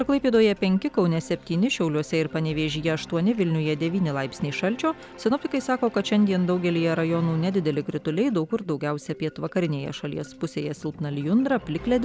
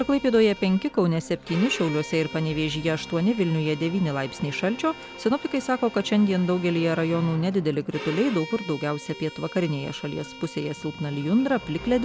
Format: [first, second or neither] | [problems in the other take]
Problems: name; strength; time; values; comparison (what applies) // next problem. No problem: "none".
first | background sound (Bowed string instrument); 17 dB below the speech